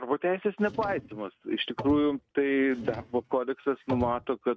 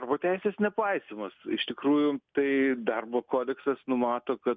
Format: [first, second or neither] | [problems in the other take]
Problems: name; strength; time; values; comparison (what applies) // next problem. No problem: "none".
second | noise reduction (neural mask model RNNoise)